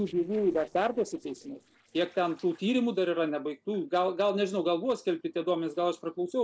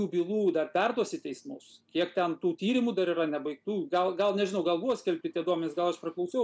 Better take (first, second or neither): second